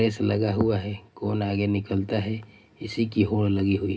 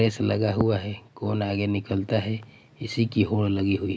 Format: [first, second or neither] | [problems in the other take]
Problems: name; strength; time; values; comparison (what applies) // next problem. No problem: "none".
second | room echo; dies away in 0.3 s